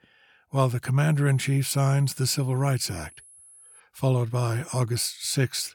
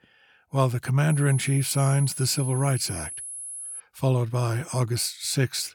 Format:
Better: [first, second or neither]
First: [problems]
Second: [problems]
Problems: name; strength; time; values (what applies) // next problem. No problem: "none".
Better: first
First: high-pitched whine; faint; from 1 to 4 s; 10.5 kHz, 25 dB below the speech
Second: high-pitched whine; loud; from 1 to 4 s; 10.5 kHz, 9 dB below the speech